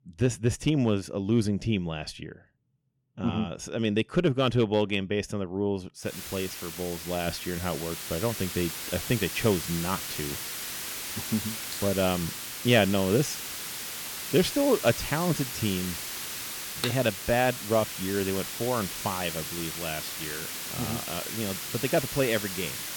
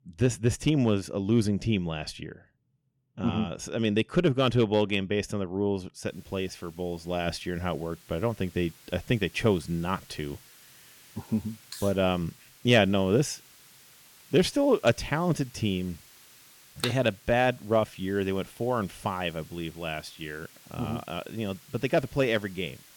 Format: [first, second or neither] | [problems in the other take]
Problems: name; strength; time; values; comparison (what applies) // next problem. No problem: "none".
second | hiss; loud; from 6 s on; 5 dB below the speech; faint in the second